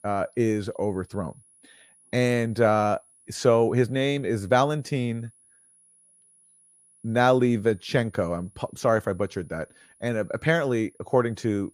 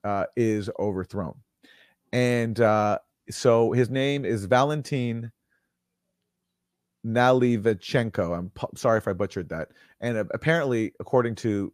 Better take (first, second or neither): second